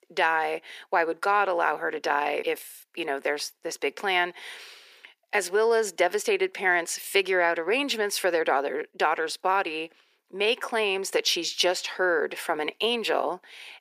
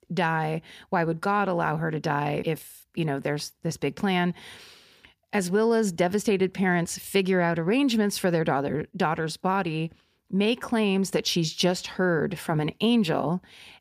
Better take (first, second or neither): second